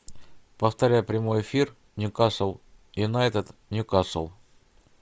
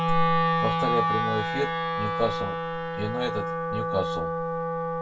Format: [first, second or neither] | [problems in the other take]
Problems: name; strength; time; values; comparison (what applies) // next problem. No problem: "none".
first | background sound (Wind instrument, woodwind instrument); 4 dB above the speech // room echo; dies away in 0.1 s